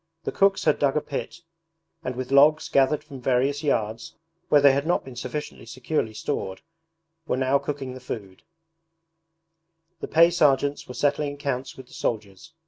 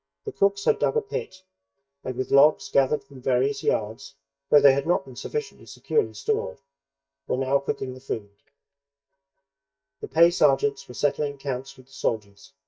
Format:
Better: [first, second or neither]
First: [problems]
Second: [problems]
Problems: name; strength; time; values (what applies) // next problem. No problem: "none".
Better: first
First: none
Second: noise reduction (neural mask model DeepFilterNet 3)